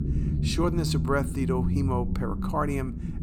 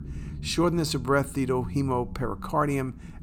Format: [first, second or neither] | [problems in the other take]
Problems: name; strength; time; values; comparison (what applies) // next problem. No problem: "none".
second | low rumble; loud; throughout; 8 dB below the speech; faint in the second